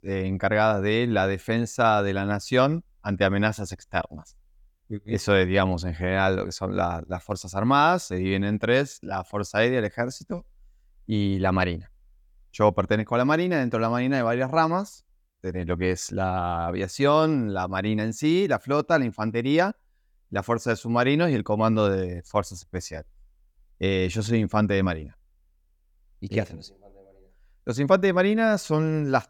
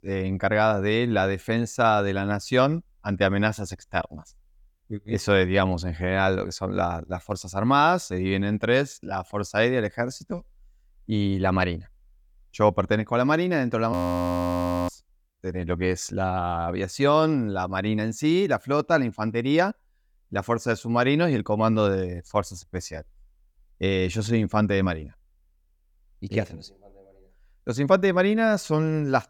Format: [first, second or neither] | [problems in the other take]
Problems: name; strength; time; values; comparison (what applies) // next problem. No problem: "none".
first | audio freezing; at 14 s for 1 s